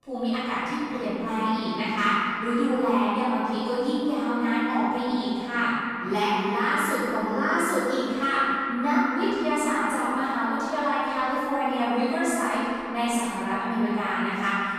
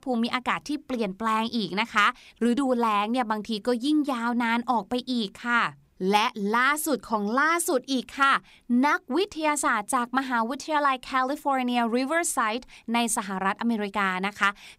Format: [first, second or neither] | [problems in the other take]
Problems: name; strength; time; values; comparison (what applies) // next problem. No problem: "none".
second | off-mic speech; far // room echo; strong; dies away in 2.8 s